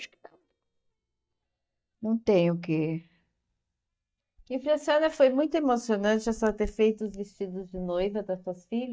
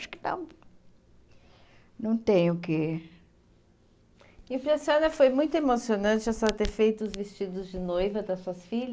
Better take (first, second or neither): second